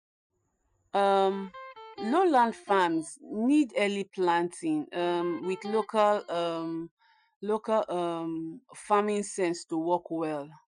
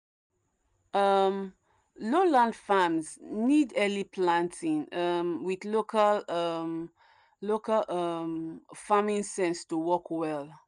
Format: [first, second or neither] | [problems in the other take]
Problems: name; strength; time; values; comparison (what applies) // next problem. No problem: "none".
second | noise reduction (classical method Wiener filter)